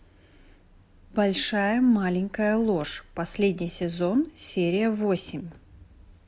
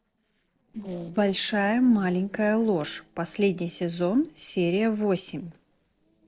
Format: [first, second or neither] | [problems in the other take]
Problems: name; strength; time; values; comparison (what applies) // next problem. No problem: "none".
first | noise reduction (neural separator model SepFormer DNS4)